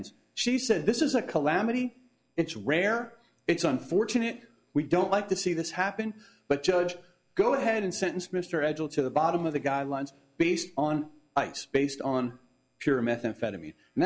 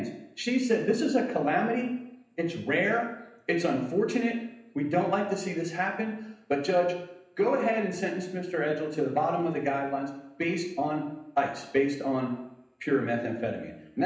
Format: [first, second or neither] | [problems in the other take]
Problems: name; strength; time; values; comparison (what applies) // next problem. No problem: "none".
first | room echo; dies away in 0.8 s